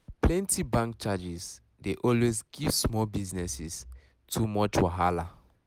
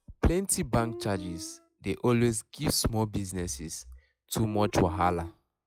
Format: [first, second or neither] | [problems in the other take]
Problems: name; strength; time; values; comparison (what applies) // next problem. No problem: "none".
first | noise reduction (classical method log-MMSE)